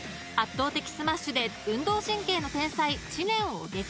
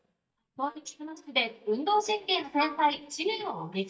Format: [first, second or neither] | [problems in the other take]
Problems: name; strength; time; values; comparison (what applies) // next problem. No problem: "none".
first | noise reduction (neural mask model DeepFilterNet 3)